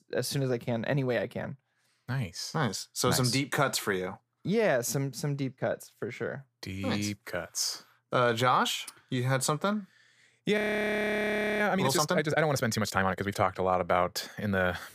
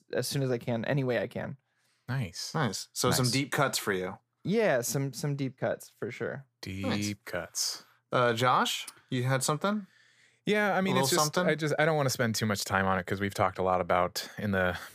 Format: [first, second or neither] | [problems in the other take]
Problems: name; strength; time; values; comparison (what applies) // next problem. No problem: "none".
second | audio freezing; at 11 s for 1 s